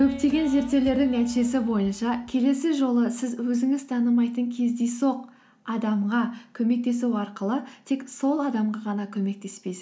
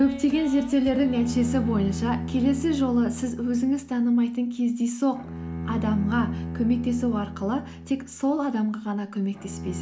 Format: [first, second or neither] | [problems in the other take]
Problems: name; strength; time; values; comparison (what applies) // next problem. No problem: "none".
first | background sound (Bowed string instrument); 10 dB below the speech